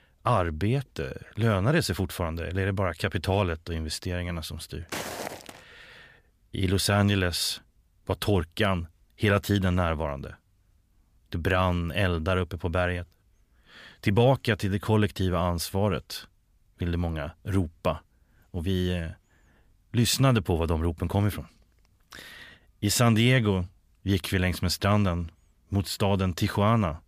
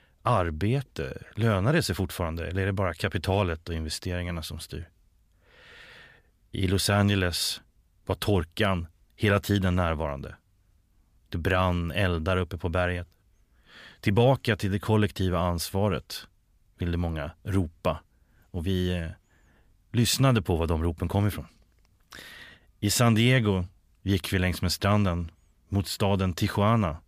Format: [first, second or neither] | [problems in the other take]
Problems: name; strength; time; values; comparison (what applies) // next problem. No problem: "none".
second | footsteps; noticeable; at 5 s; peak 7 dB below the speech